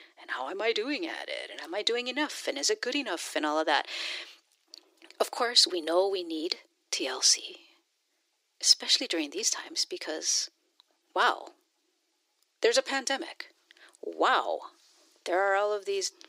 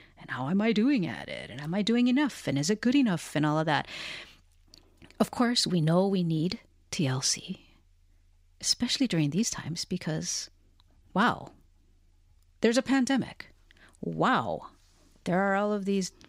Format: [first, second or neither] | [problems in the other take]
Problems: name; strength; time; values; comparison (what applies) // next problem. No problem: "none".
second | thin; very; fading below 350 Hz